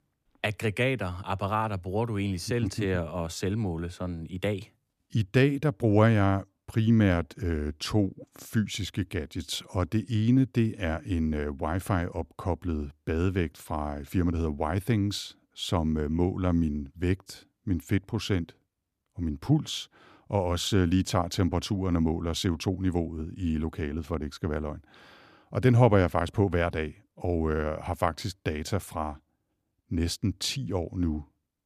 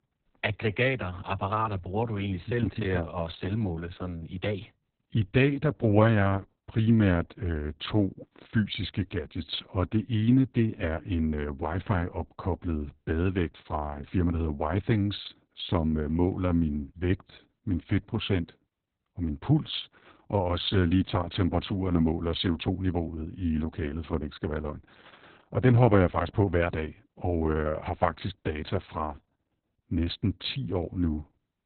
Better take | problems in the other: first | garbled, watery; badly; nothing above 4 kHz

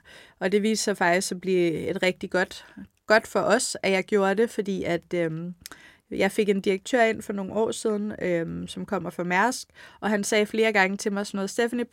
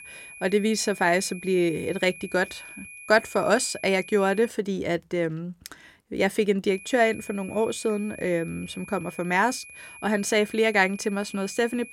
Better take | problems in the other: first | high-pitched whine; noticeable; until 4.5 s and from 6.5 s on; 2.5 kHz, 15 dB below the speech

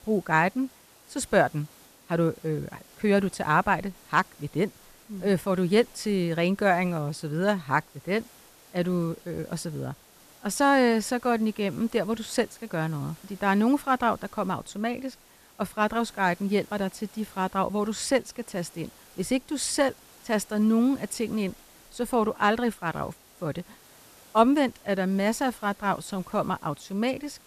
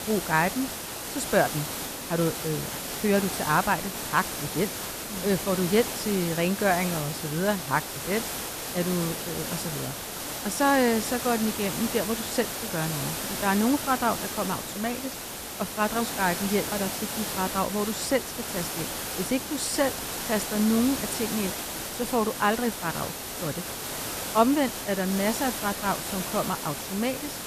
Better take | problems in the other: first | hiss; loud; throughout; 4 dB below the speech; faint in the first

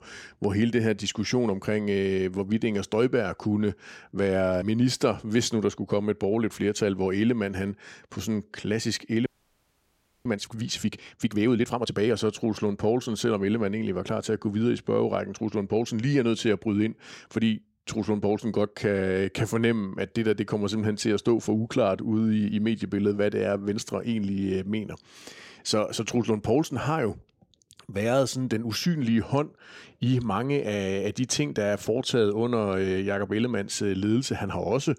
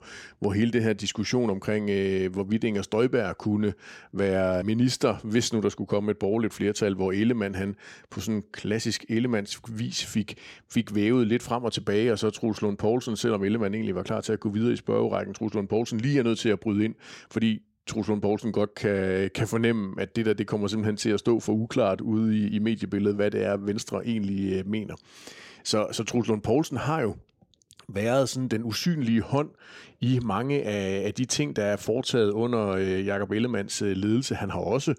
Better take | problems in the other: second | audio freezing; at 9.5 s for 1 s

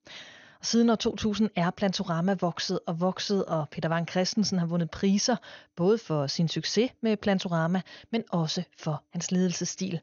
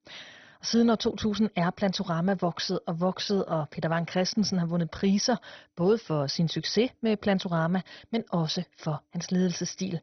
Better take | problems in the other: first | garbled, watery; badly; nothing above 6 kHz; slightly in the first

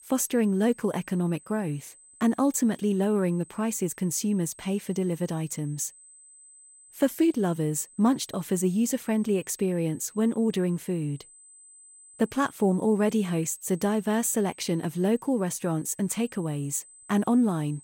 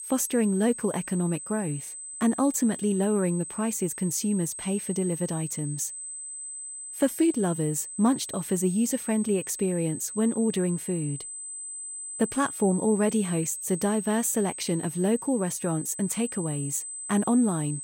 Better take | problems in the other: first | high-pitched whine; loud; throughout; 8 kHz, 8 dB below the speech; faint in the first

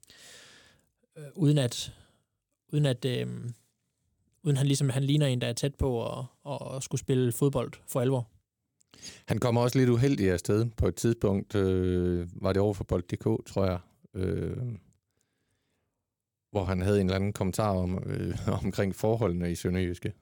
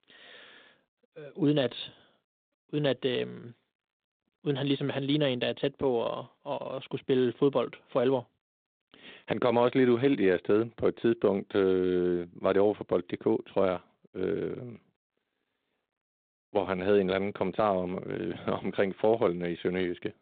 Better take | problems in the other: first | phone-call audio; nothing above 4 kHz

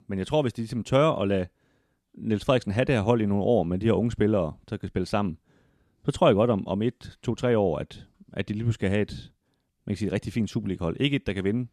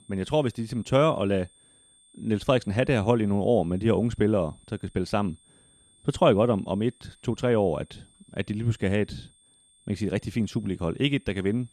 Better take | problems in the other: first | high-pitched whine; faint; throughout; 8.5 kHz, 30 dB below the speech

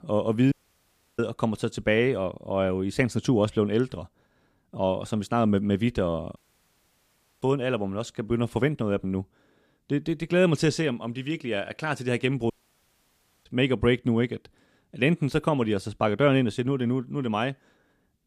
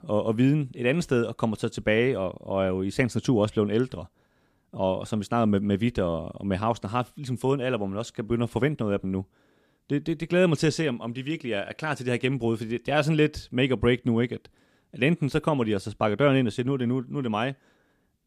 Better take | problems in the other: second | audio cutting out; at 0.5 s for 0.5 s, at 6.5 s for 1 s and at 13 s for 1 s

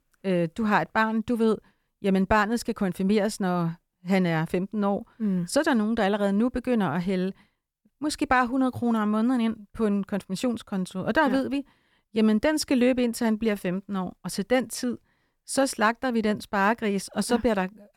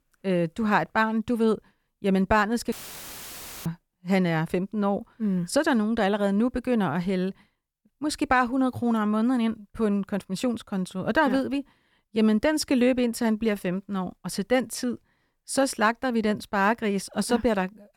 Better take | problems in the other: first | audio cutting out; filled with static; at 2.5 s for 1 s

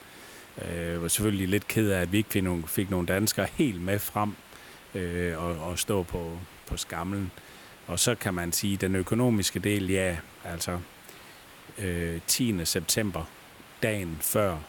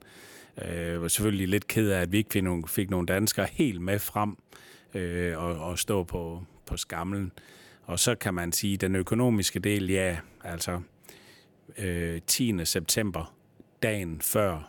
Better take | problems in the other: second | hiss; faint; throughout; 20 dB below the speech

